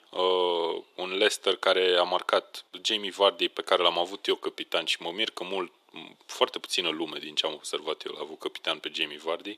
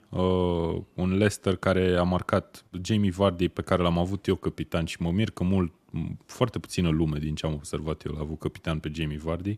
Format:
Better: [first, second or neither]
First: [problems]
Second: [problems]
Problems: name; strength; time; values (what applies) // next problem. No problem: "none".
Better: second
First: thin; very; fading below 400 Hz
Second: none